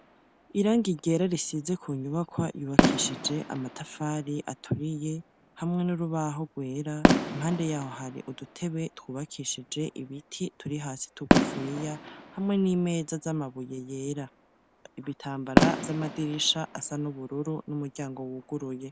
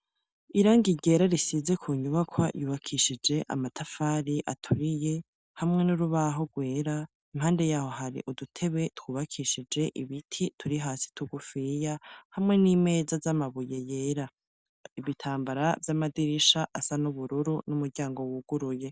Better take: second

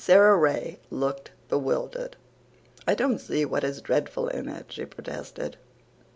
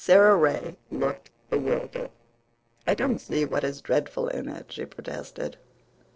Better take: first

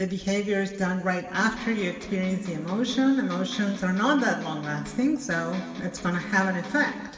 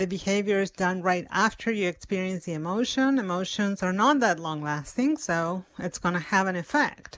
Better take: second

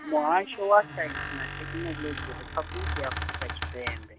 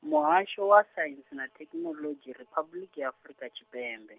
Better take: second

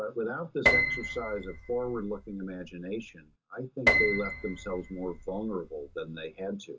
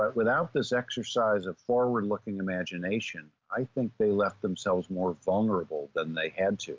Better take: second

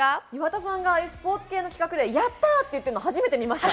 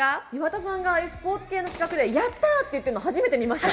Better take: first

